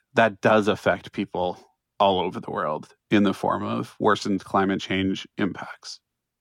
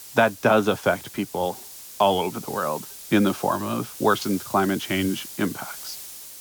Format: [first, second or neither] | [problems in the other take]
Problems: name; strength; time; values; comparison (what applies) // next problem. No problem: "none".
first | hiss; noticeable; throughout; 15 dB below the speech